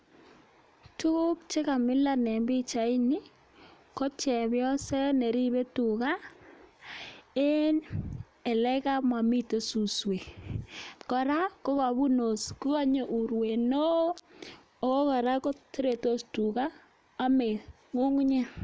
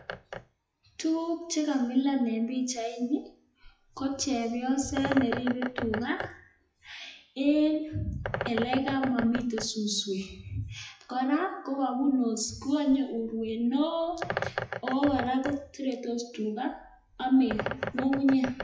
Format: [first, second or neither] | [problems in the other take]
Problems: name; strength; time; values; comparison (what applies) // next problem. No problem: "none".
first | noise reduction (classical method WPE with log-MMSE)